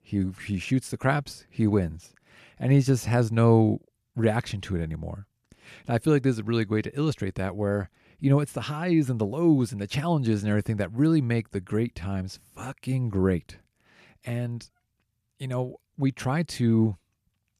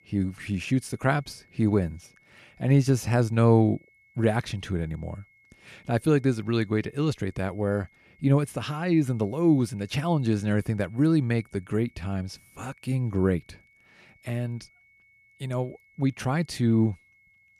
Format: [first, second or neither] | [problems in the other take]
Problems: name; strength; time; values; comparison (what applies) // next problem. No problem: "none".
first | high-pitched whine; faint; throughout; 2 kHz, 35 dB below the speech